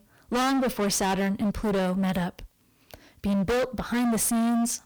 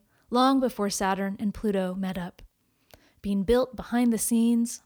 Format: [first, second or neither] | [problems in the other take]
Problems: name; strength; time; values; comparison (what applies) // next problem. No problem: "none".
second | distortion; heavy; 31% of the sound clipped